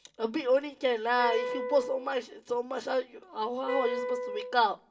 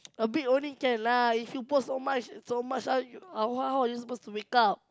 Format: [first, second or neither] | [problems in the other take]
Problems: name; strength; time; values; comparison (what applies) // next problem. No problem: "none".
second | background sound (Wind instrument, woodwind instrument); 5 dB below the speech // room echo; dies away in 0.2 s